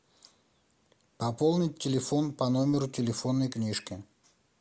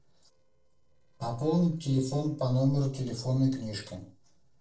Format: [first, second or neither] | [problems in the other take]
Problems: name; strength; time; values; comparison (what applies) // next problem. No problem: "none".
first | noise reduction (neural separator model SepFormer DNS4)